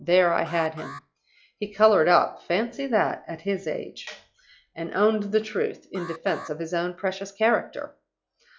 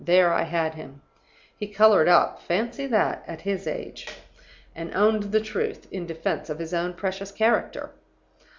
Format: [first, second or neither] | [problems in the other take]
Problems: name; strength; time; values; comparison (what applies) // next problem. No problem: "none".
second | noise reduction (classical method log-MMSE)